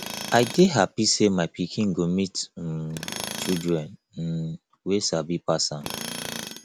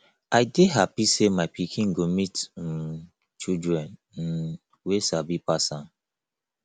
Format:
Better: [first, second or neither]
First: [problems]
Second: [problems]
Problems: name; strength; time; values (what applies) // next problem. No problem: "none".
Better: second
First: background sound (Tools); 13 dB below the speech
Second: none